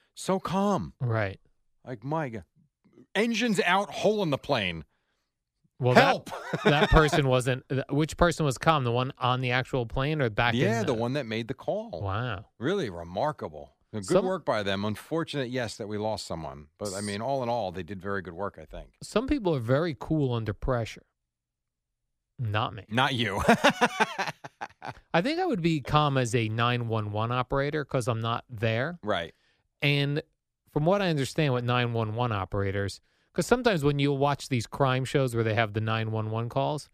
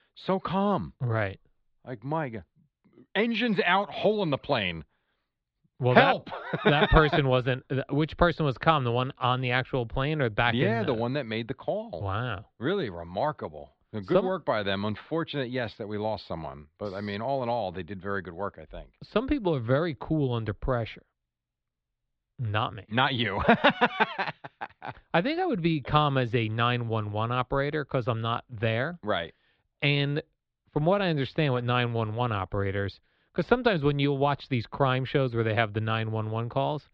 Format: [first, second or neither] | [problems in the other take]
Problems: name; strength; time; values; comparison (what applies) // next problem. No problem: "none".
first | muffled; slightly; fading above 4 kHz